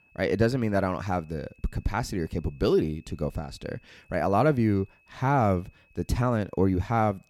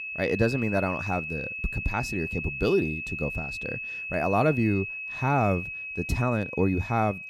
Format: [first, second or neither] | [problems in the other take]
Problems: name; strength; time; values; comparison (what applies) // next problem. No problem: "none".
first | high-pitched whine; loud; throughout; 2.5 kHz, 5 dB below the speech; faint in the first